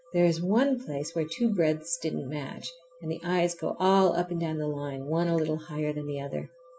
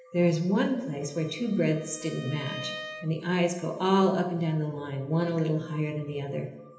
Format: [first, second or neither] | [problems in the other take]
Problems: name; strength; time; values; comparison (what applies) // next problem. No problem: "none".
first | background sound (Bowed string instrument); 16 dB below the speech // room echo; dies away in 0.9 s